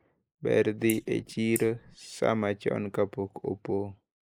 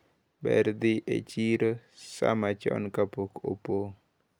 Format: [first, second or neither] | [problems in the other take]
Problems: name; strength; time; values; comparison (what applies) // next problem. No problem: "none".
second | noise reduction (neural mask model Resemble Enhance denoiser)